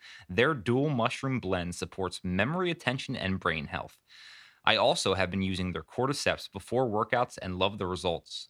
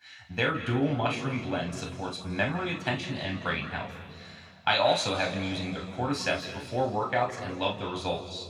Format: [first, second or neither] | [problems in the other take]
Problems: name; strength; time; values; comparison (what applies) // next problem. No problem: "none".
first | room echo; noticeable; dies away in 2.3 s // off-mic speech; somewhat distant